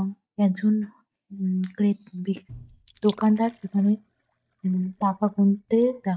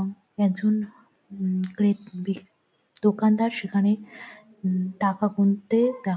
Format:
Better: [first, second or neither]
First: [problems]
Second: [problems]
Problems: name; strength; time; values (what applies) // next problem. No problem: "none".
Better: second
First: noise reduction (neural mask model DeepFilterNet 3)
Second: none